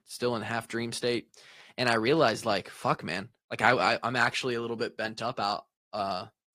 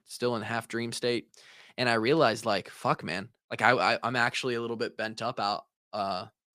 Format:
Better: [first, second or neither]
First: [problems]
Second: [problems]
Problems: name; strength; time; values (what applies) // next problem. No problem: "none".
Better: second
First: garbled, watery; slightly; nothing above 15 kHz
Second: none